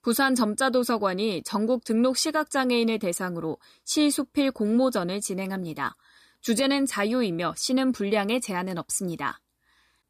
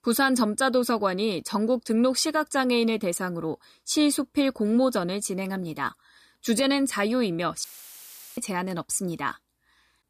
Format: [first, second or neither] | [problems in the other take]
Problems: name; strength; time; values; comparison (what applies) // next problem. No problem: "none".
first | audio cutting out; filled with static; at 7.5 s for 0.5 s